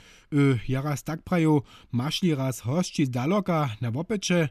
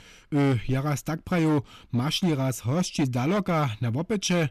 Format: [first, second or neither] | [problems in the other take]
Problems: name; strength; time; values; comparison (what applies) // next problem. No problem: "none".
first | distortion; slight; 10% of the sound clipped